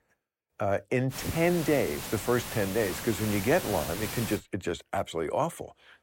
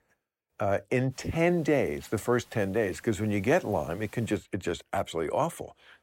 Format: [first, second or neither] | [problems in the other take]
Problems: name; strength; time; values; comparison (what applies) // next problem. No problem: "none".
second | hiss; loud; from 1 to 4.5 s; 7 dB below the speech; faint in the second